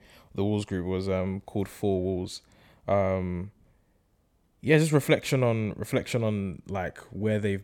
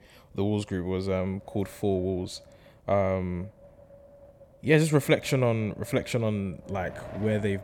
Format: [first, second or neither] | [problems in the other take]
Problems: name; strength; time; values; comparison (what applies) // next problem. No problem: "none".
first | wind noise on the microphone; occasional gusts; 20 dB below the speech